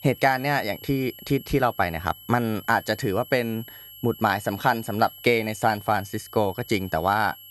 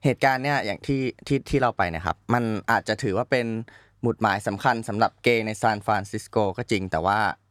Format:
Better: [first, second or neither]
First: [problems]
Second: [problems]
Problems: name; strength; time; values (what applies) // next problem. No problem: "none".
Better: second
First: high-pitched whine; noticeable; throughout; 3 kHz, 15 dB below the speech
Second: none